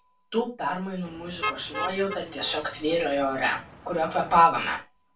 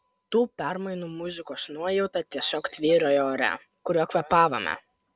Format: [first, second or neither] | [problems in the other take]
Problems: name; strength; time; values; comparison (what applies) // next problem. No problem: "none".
second | background sound (Motor vehicle (road)); 11 dB below the speech // room echo; dies away in 0.2 s